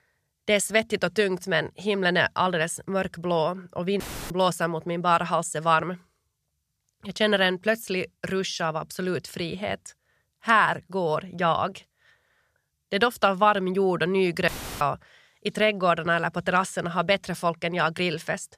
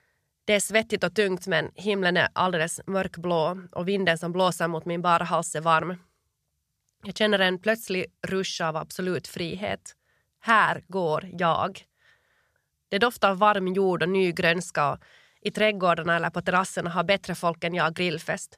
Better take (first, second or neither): second